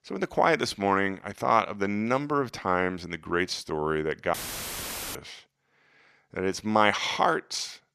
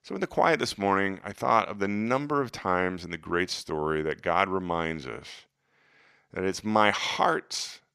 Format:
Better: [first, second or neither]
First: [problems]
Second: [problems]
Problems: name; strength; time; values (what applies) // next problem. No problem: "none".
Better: second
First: audio cutting out; filled with static; at 4.5 s for 1 s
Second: none